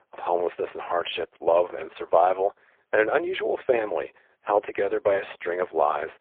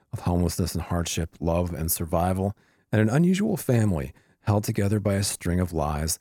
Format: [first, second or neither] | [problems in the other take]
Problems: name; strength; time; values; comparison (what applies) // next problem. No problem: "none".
second | phone-call audio; poor line; nothing above 3 kHz